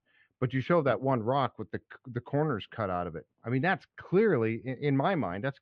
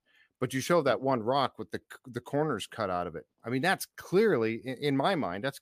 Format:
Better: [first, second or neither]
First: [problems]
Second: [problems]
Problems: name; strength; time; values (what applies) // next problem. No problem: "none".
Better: second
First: muffled; very; fading above 3 kHz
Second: none